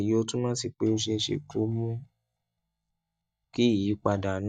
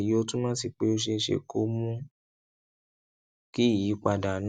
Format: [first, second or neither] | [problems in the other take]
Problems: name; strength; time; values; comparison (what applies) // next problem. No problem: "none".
second | noise reduction (neural mask model DeepFilterNet 3)